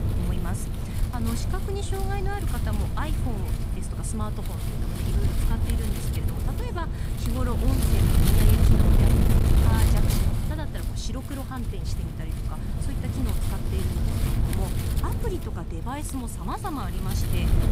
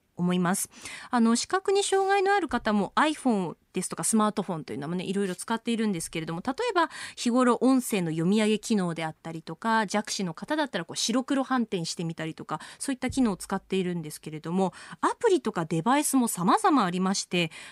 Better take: second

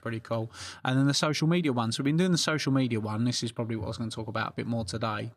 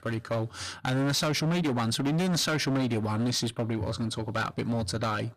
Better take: first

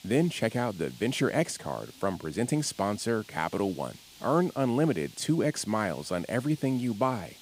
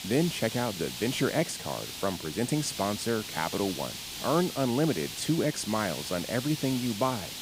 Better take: first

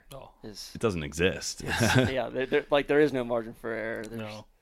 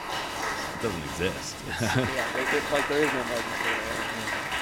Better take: first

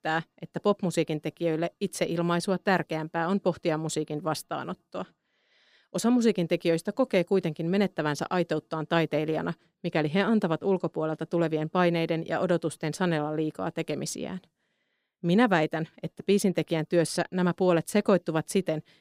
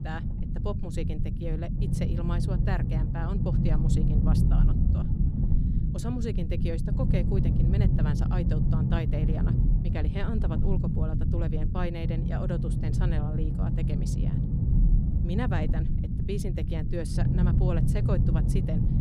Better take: first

